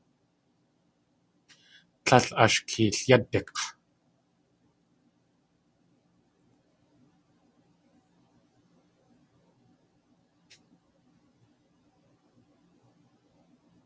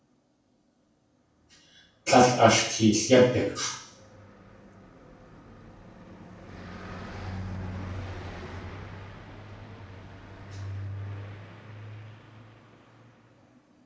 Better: first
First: none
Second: background sound (Car passing by); 13 dB below the speech // room echo; dies away in 0.6 s

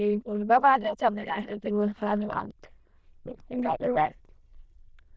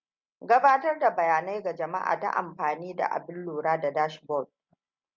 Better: second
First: noise reduction (neural diffusion model UNIVERSE++)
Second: none

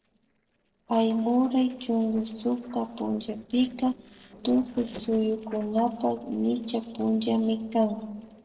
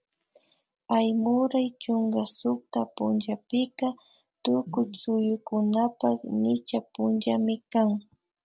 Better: second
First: noise reduction (neural separator model SepFormer DNS4)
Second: none

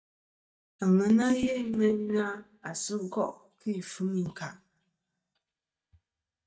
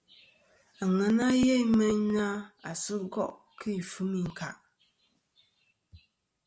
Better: second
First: noise reduction (neural mask model DeepFilterNet 3)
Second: none

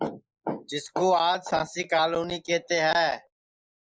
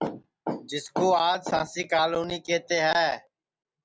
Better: second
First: noise reduction (neural mask model Resemble Enhance denoiser)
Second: none

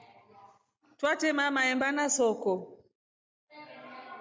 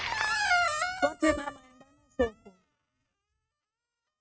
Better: first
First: none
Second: noise reduction (neural mask model RNNoise)

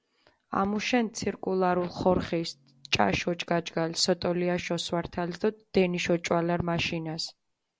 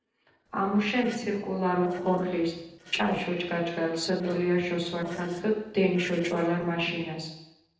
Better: first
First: none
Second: noise reduction (neural separator model SepFormer DNS4)

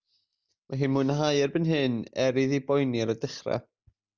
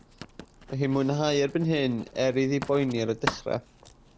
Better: first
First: none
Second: background sound (Writing); 13 dB below the speech

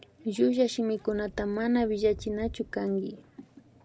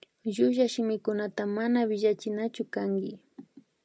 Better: second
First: background sound (Microwave oven); 19 dB below the speech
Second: none

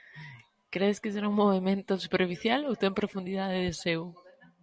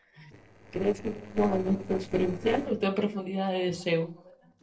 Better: first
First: none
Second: noise reduction (neural separator model SepFormer DNS4)

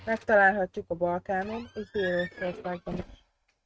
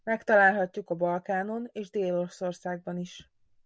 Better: second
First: noise reduction (neural mask model RNNoise)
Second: none

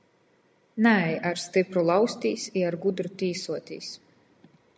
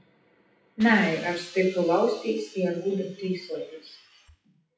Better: first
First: none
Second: noise reduction (classical method WPE with log-MMSE)

